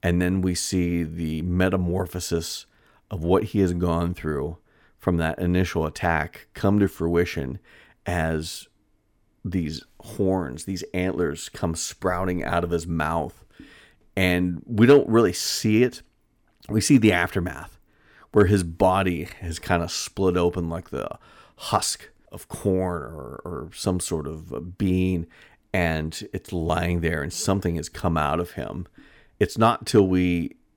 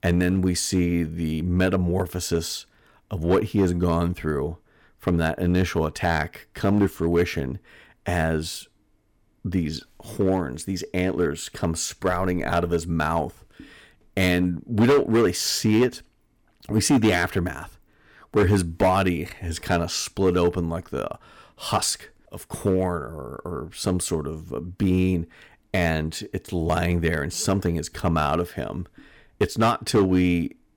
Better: first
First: none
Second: distortion; slight; 3% of the sound clipped

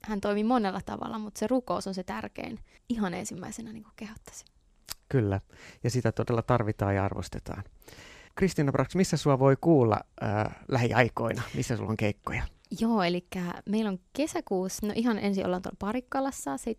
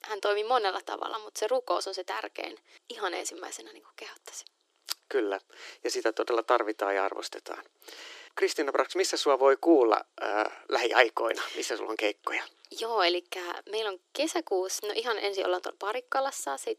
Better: first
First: none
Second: thin; very; fading below 300 Hz

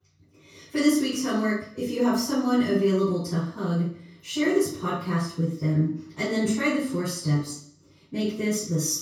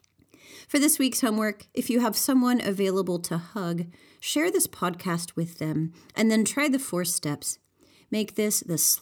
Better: second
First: room echo; noticeable; dies away in 0.6 s // off-mic speech; far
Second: none

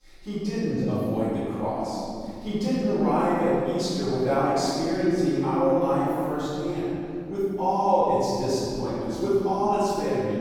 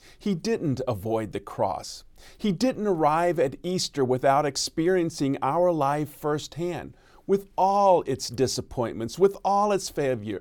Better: second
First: off-mic speech; far // room echo; strong; dies away in 3 s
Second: none

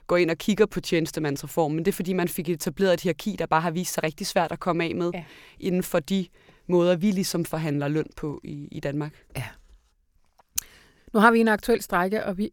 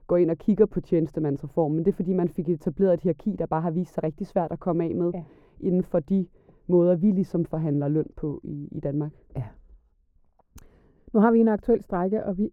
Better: first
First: none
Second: muffled; very; fading above 1.5 kHz

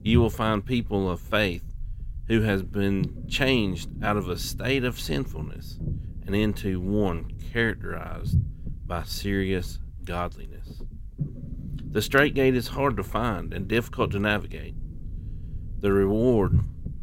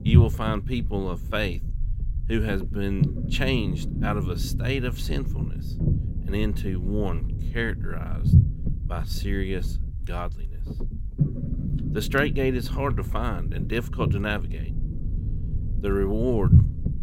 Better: first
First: low rumble; faint; throughout; 20 dB below the speech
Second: low rumble; loud; throughout; 9 dB below the speech

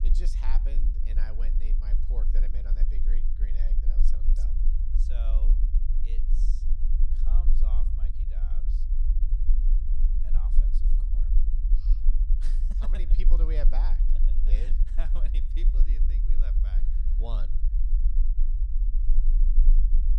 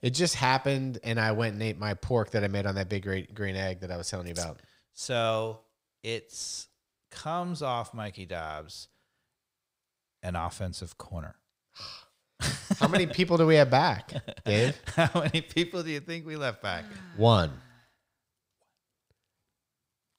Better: second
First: low rumble; loud; throughout; 4 dB below the speech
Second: none

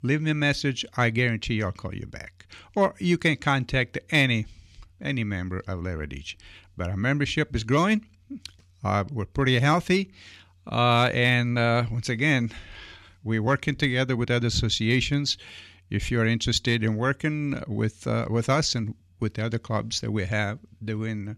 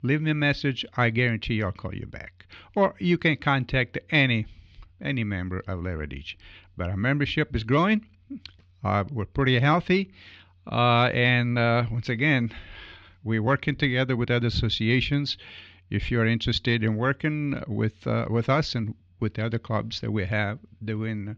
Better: first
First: none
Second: muffled; very slightly; fading above 4 kHz

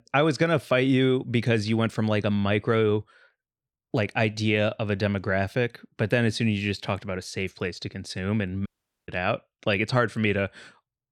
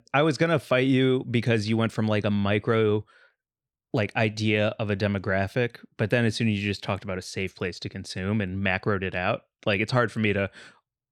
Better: second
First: audio cutting out; at 8.5 s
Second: none

